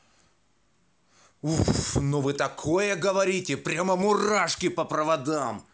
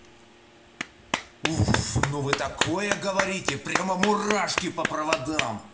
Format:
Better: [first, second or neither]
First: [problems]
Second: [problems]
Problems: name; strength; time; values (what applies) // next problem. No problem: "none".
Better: first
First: none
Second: background sound (Clapping); 3 dB below the speech // room echo; dies away in 0.9 s